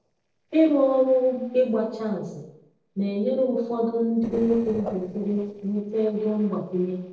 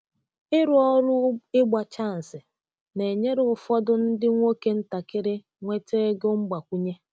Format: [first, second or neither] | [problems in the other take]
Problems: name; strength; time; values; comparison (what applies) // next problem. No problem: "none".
second | noise reduction (neural separator model SepFormer DNS4)